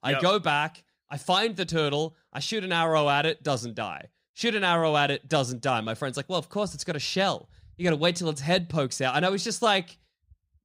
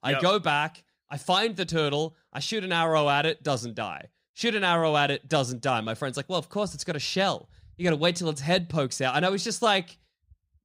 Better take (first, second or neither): neither